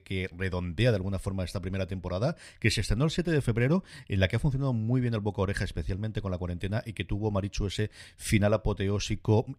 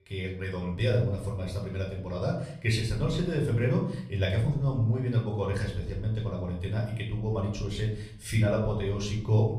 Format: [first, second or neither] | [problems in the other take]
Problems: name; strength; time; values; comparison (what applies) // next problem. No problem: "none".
first | off-mic speech; far // room echo; slight; dies away in 0.6 s